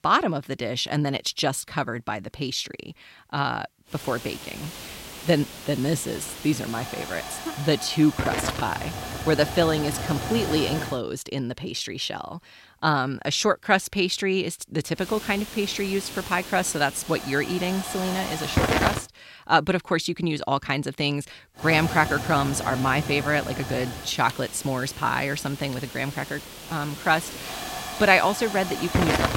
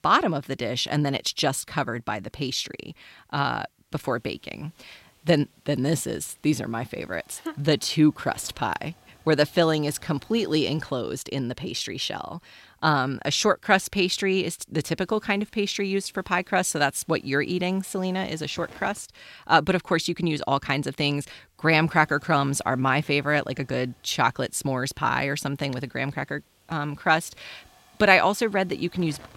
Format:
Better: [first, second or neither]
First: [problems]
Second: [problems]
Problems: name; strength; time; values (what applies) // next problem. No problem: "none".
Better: second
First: hiss; loud; from 4 to 11 s, from 15 to 19 s and from 22 s on; 7 dB below the speech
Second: hiss; faint; from 4 to 11 s, from 15 to 19 s and from 22 s on; 30 dB below the speech